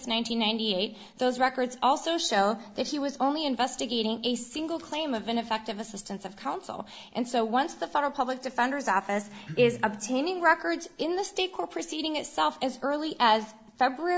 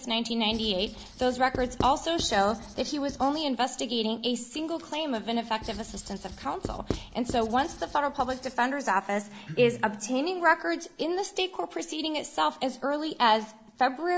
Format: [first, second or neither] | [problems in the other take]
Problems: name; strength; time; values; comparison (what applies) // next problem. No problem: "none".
first | background sound (Writing); 12 dB below the speech